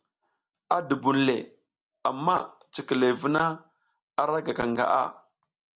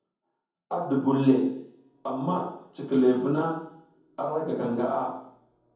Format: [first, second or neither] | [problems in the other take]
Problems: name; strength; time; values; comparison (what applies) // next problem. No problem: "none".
first | room echo; dies away in 0.7 s